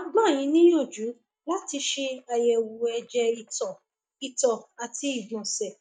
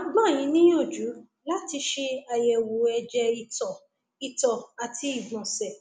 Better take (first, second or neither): second